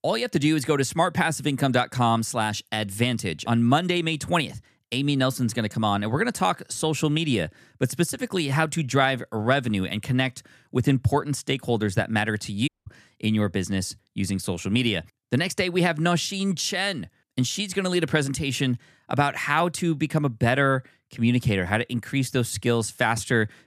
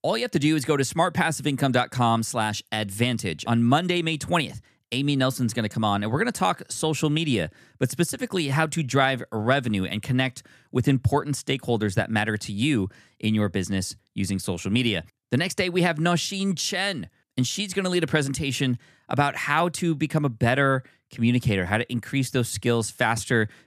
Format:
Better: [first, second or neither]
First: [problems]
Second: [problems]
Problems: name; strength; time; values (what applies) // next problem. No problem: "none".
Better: second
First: audio cutting out; at 13 s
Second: none